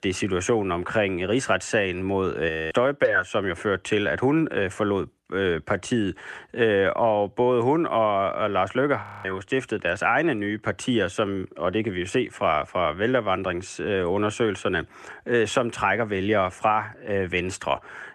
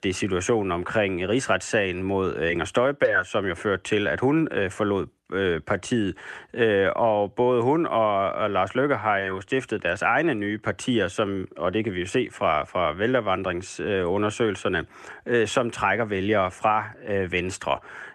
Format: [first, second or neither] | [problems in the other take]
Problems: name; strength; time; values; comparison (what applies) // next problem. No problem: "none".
second | audio freezing; at 2.5 s and at 9 s